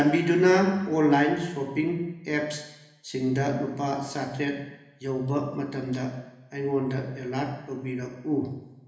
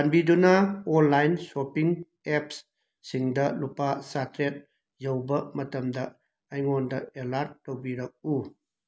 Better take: second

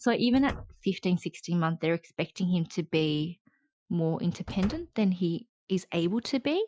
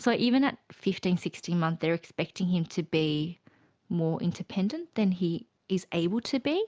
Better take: second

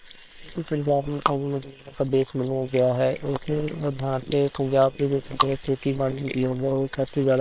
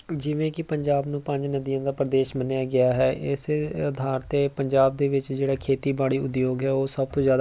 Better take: second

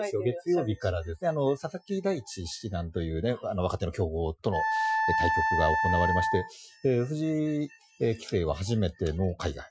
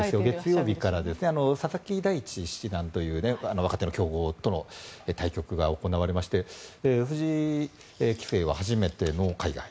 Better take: second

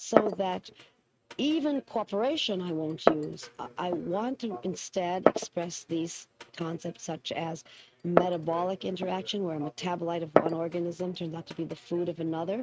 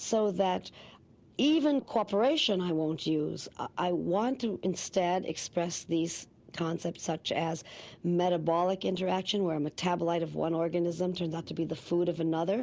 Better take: second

